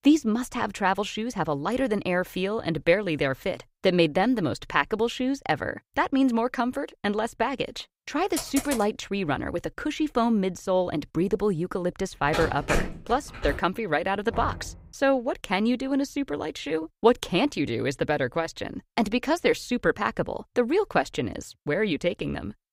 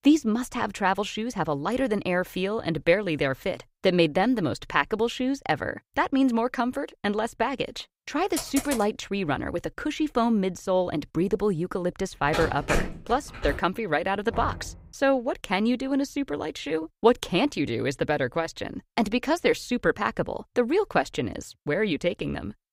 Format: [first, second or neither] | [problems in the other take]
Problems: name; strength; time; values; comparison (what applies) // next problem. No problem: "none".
neither | keyboard typing; noticeable; at 8.5 s; peak 6 dB below the speech; the same in both // phone ringing; noticeable; from 12 to 14 s; peak 3 dB below the speech; the same in both // door banging; faint; at 14 s; peak 10 dB below the speech; the same in both